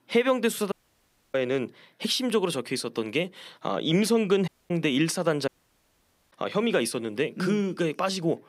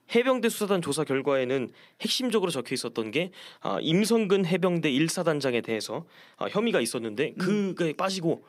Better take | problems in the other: second | audio cutting out; at 0.5 s for 0.5 s, at 4.5 s and at 5.5 s for 1 s

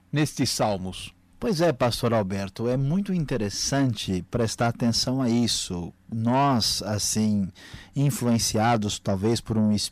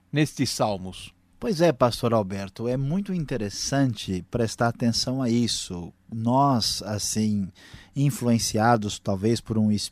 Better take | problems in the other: second | distortion; slight; 10 dB below the speech

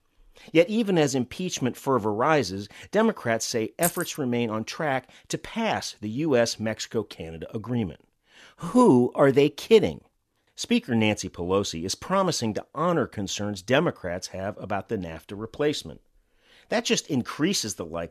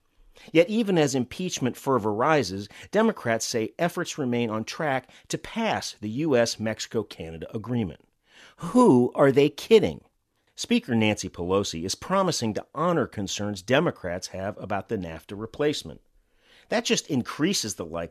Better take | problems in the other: second | jangling keys; noticeable; at 4 s; peak 4 dB below the speech

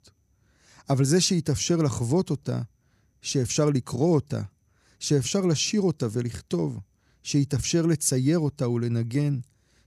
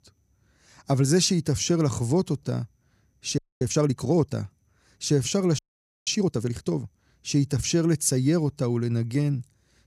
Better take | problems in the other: first | audio freezing; at 3.5 s and at 5.5 s

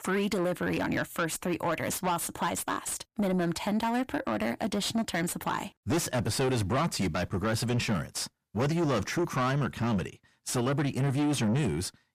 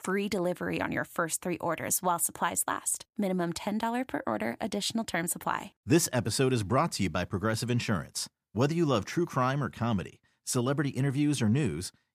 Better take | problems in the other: second | distortion; heavy; 7 dB below the speech

